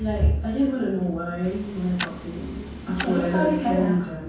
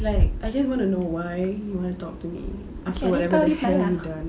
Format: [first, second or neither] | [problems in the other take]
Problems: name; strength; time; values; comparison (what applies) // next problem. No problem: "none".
second | background sound (Tick-tock); 14 dB below the speech // room echo; dies away in 0.5 s